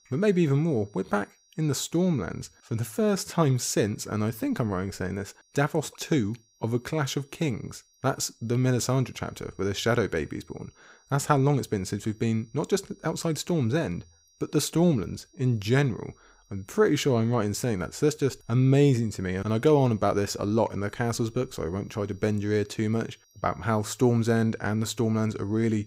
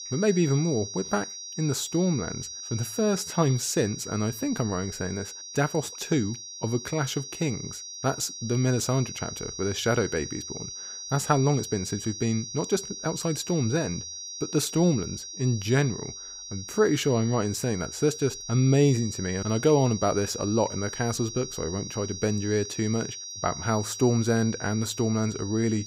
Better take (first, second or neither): first